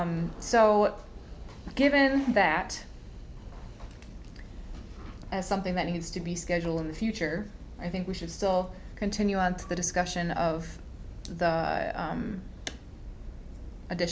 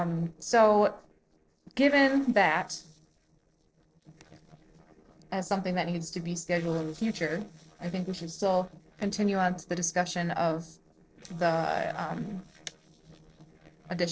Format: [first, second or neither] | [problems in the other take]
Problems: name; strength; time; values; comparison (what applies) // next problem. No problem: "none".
first | noise reduction (neural separator model SepFormer DNS4)